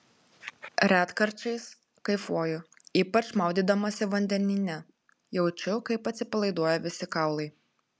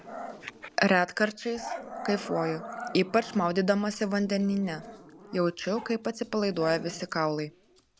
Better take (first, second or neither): first